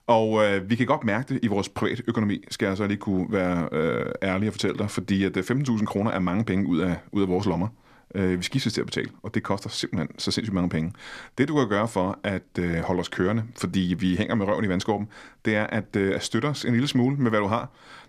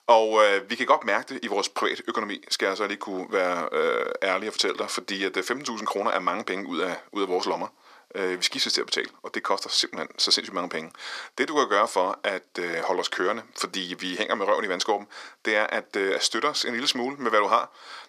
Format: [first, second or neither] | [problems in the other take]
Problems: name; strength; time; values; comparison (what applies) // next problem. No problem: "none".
first | thin; very; fading below 400 Hz